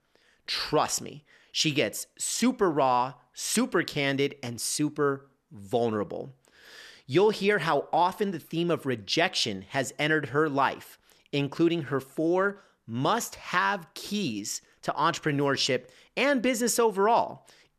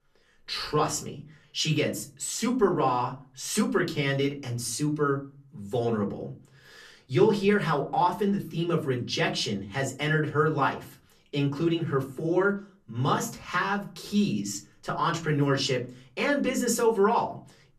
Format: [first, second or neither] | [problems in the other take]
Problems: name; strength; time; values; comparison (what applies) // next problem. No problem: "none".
first | off-mic speech; far // room echo; very slight; dies away in 0.5 s